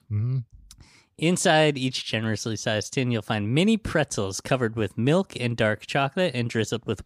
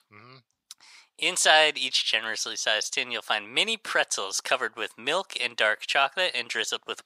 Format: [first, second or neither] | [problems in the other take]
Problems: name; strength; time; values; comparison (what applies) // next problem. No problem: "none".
first | thin; very; fading below 900 Hz